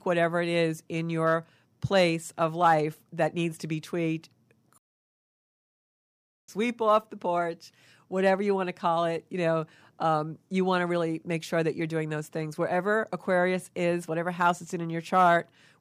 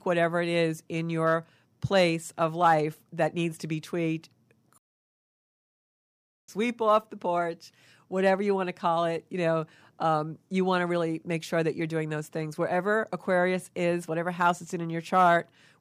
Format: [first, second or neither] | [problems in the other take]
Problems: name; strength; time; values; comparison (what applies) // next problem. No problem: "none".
neither | audio cutting out; at 5 s for 1.5 s; the same in both